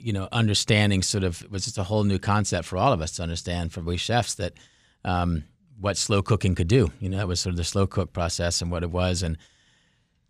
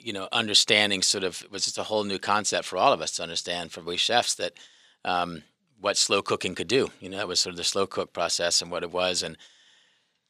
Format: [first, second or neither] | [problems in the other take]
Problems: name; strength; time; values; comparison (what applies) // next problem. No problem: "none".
first | thin; somewhat; fading below 400 Hz